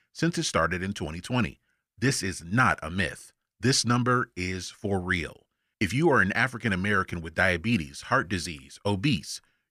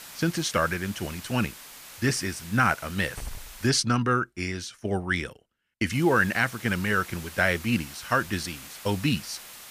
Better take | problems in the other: first | hiss; noticeable; until 3.5 s and from 6 s on; 15 dB below the speech

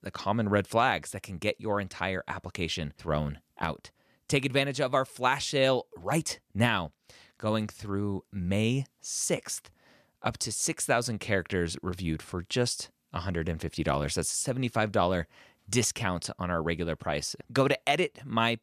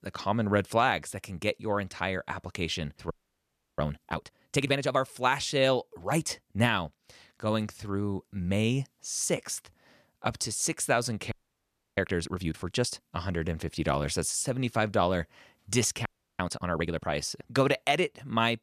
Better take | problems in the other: first | audio freezing; at 3 s for 0.5 s, at 11 s for 0.5 s and at 16 s

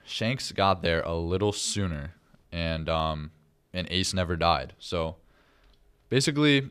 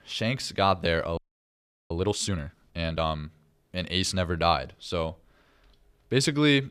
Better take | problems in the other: first | audio freezing; at 1 s for 0.5 s

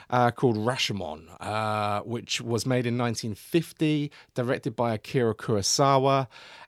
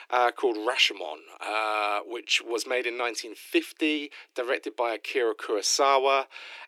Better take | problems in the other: first | thin; very; fading below 300 Hz

